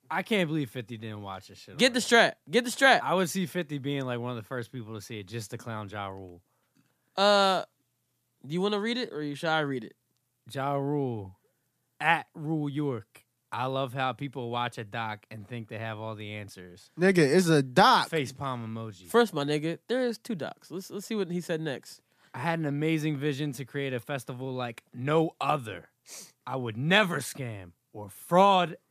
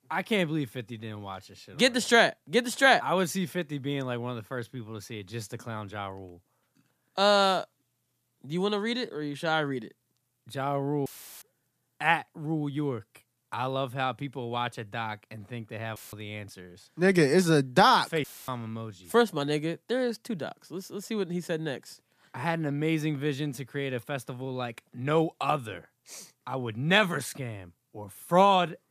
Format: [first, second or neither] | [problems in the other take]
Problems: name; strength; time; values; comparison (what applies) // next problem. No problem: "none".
first | audio cutting out; filled with static; at 11 s, at 16 s and at 18 s